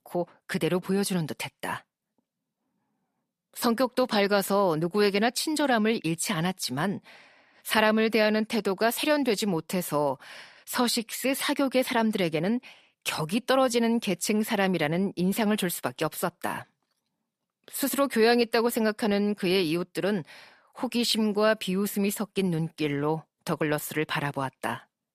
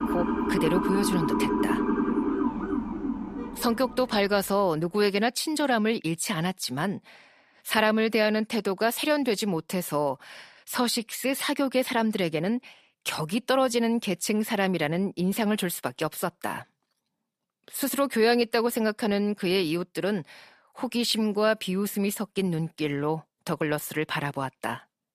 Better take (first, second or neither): first